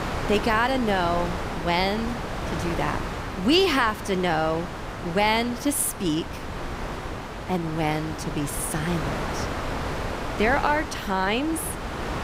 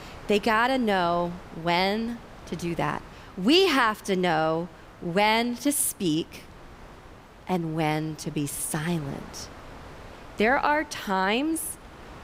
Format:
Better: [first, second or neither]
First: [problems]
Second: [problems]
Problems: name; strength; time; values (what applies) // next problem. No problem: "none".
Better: second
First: wind noise on the microphone; heavy; 7 dB below the speech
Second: wind noise on the microphone; occasional gusts; 20 dB below the speech